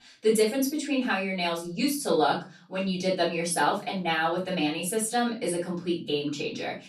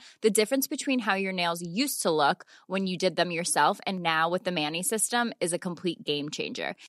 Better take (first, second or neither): second